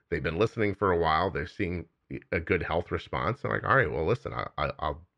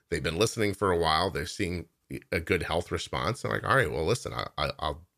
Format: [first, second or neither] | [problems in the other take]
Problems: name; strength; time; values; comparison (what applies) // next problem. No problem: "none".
second | muffled; slightly; fading above 2 kHz